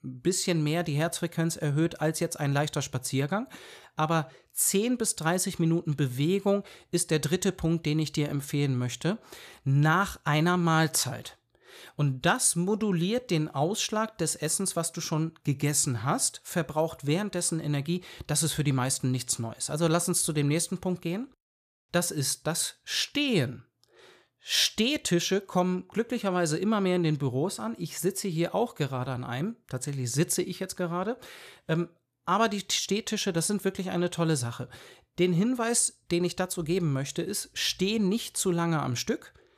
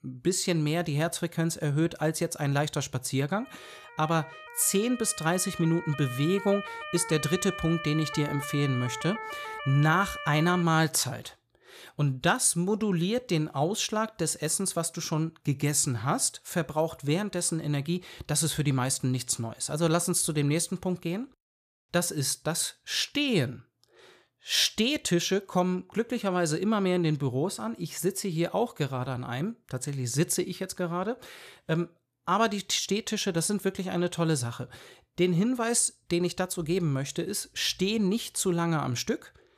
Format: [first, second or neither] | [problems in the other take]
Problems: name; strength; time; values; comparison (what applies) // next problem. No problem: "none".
first | siren; noticeable; from 3.5 to 11 s; peak 8 dB below the speech